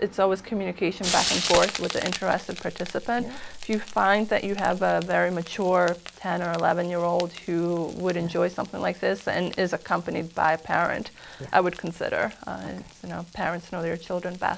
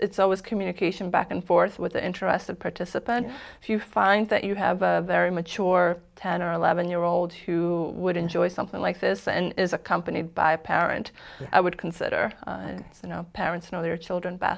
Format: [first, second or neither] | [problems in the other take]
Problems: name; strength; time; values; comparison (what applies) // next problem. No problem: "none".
second | background sound (Frying (food)); 11 dB below the speech